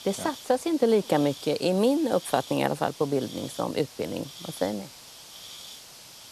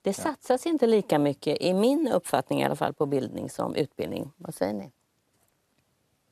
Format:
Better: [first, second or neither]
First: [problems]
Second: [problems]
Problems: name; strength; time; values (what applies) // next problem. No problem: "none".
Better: second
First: hiss; noticeable; throughout; 15 dB below the speech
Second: none